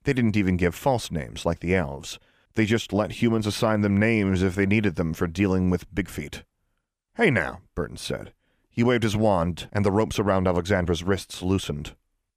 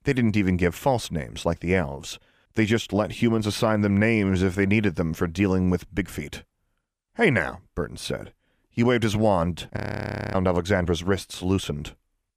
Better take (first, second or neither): first